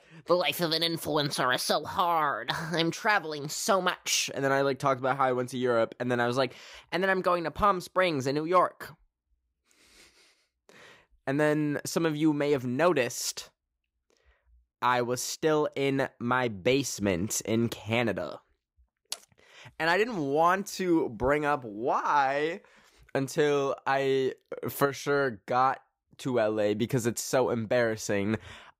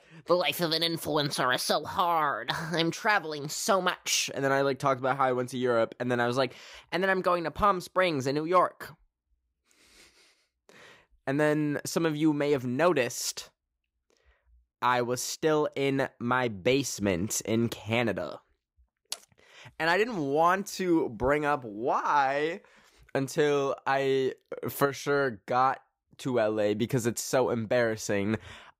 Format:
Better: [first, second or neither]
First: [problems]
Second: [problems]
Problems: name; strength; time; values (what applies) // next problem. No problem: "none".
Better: neither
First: none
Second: none